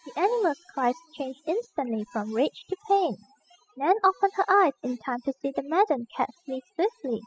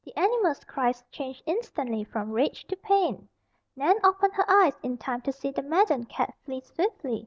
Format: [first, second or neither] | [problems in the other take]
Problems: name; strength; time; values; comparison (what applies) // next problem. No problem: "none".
second | noise reduction (classical method spectral subtraction)